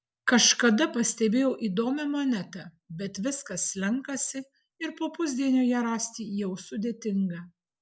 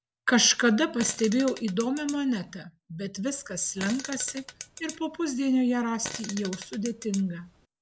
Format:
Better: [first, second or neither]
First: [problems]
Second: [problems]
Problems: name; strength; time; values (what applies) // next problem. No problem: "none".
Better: first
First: none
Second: background sound (Fart); 15 dB below the speech